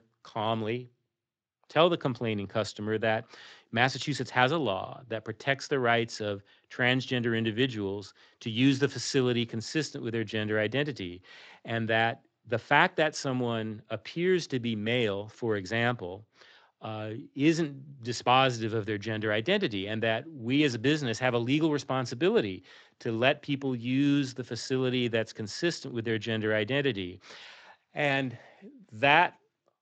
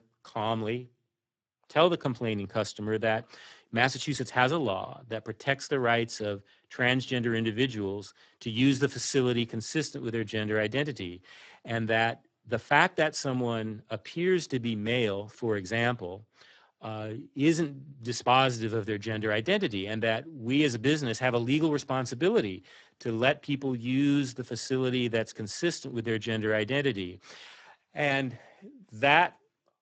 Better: first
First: garbled, watery; slightly; nothing above 7.5 kHz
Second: garbled, watery; badly; nothing above 8 kHz

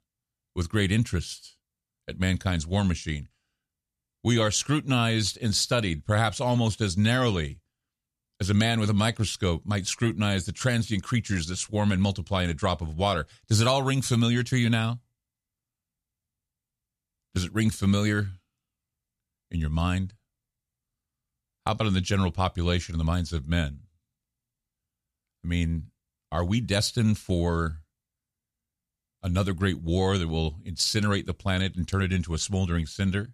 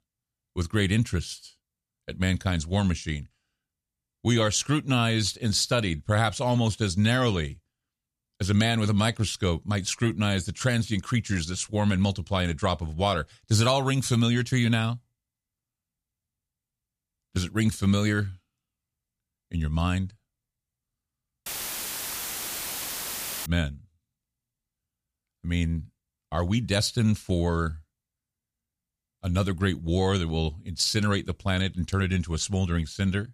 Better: first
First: none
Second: audio cutting out; filled with static; at 21 s for 2 s

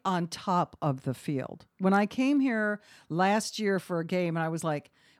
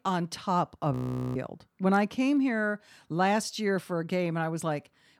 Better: first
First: none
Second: audio freezing; at 1 s

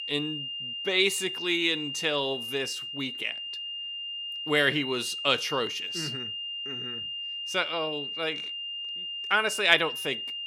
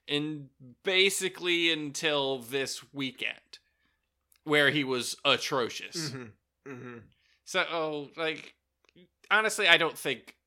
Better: second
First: high-pitched whine; loud; throughout; 3 kHz, 5 dB below the speech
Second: none

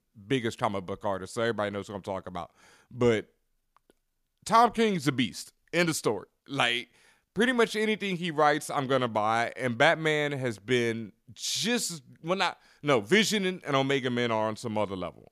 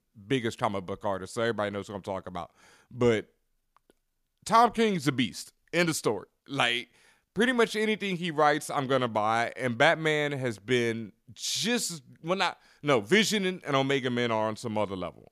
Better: neither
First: none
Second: none

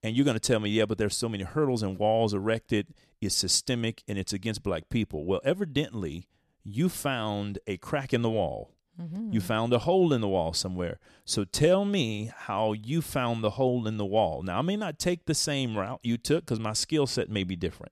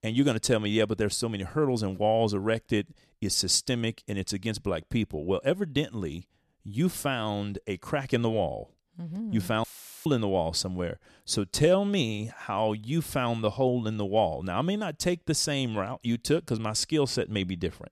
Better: first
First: none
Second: audio cutting out; filled with static; at 9.5 s

